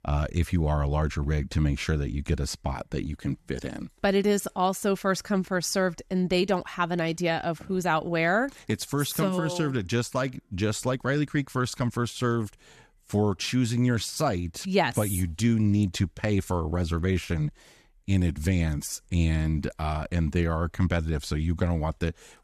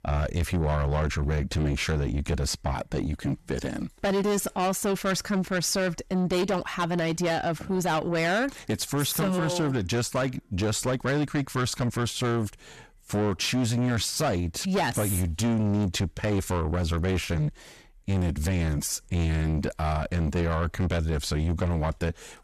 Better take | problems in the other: first | distortion; heavy; 7 dB below the speech

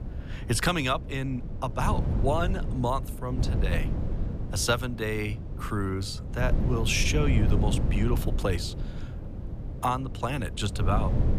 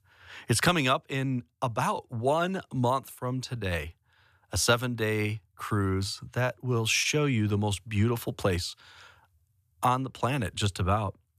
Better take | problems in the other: second | wind noise on the microphone; occasional gusts; 10 dB below the speech

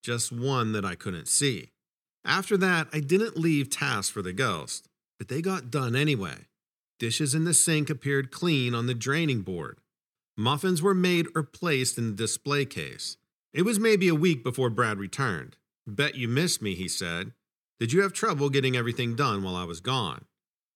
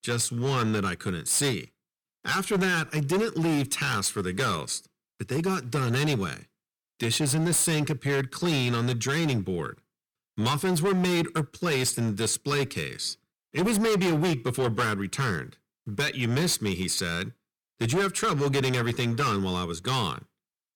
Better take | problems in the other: first | distortion; heavy; 14% of the sound clipped

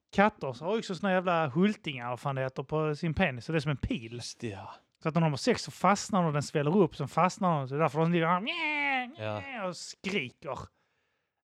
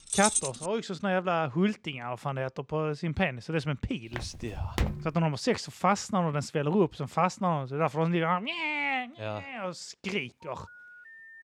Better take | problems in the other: first | jangling keys; loud; at the start; peak 4 dB above the speech // footsteps; noticeable; at 4 s; peak 2 dB below the speech // phone ringing; faint; from 10 s on; peak 20 dB below the speech

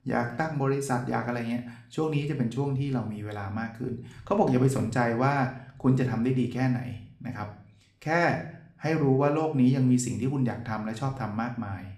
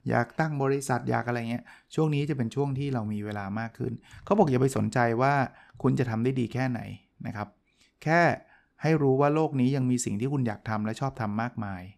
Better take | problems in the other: second | room echo; slight; dies away in 0.5 s // off-mic speech; somewhat distant

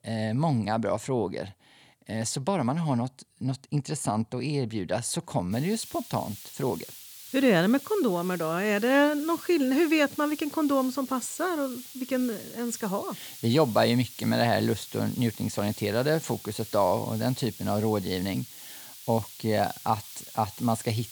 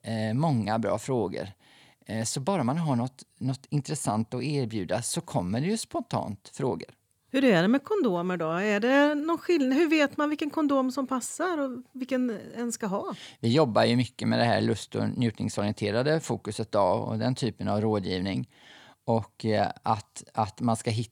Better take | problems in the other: second | hiss; noticeable; from 5.5 s on; 15 dB below the speech

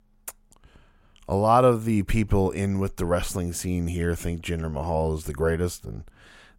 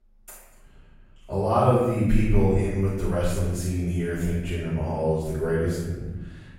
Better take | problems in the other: first | room echo; strong; dies away in 1.3 s // off-mic speech; far

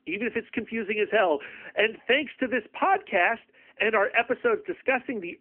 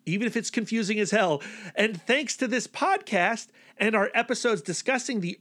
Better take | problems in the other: second | phone-call audio; nothing above 3 kHz

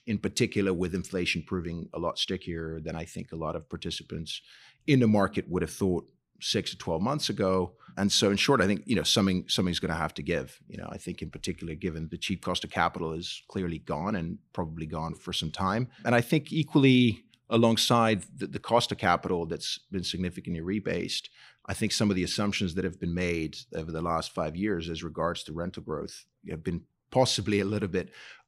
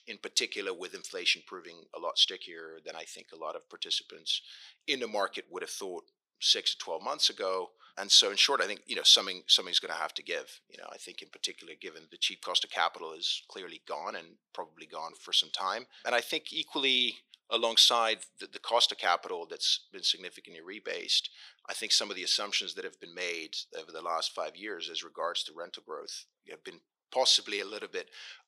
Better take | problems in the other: first | thin; very; fading below 500 Hz

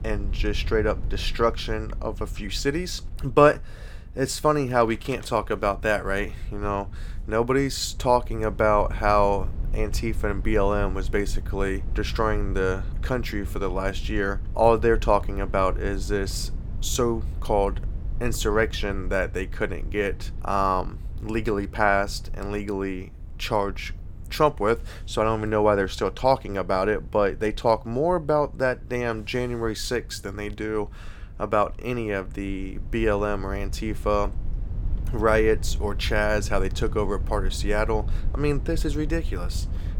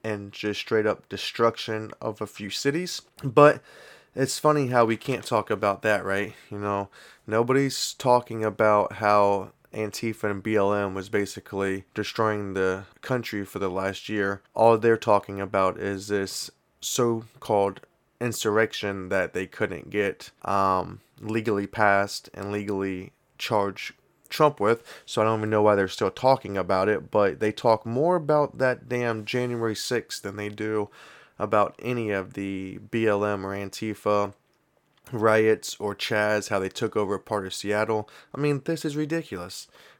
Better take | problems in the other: second | low rumble; faint; throughout; 25 dB below the speech

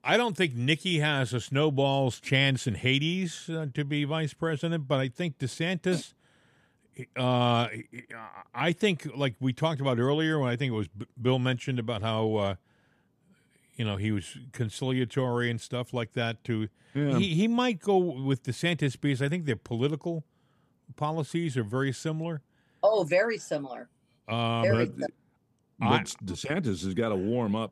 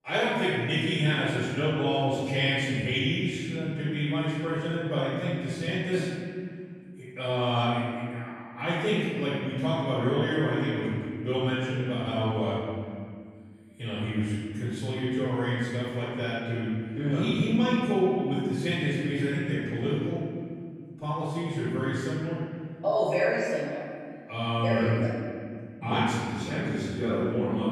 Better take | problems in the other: first | off-mic speech; far // room echo; strong; dies away in 2.1 s

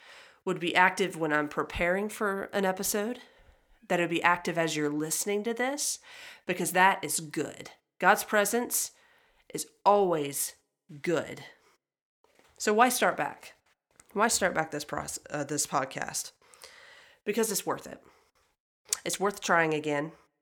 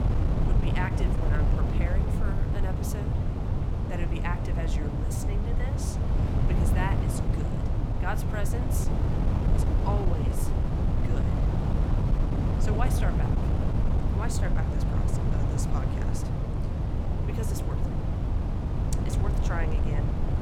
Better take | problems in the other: first | wind noise on the microphone; heavy; 1 dB above the speech

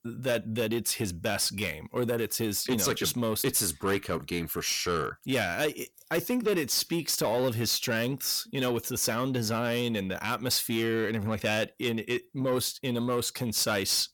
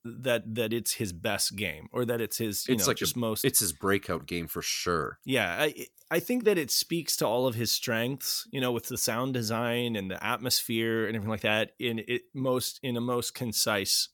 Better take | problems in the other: second | distortion; slight; 10 dB below the speech

